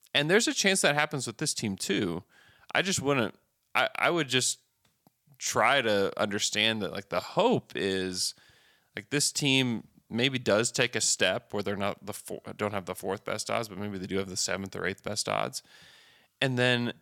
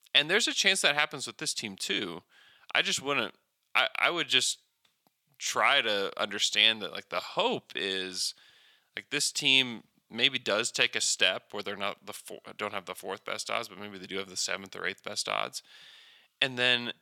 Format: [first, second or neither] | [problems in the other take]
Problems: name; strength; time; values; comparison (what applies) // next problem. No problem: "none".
first | thin; very slightly; fading below 700 Hz